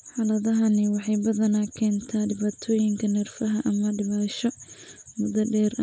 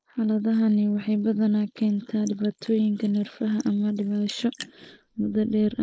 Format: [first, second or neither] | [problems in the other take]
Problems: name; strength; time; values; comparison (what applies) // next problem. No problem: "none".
first | noise reduction (neural mask model Resemble Enhance denoiser)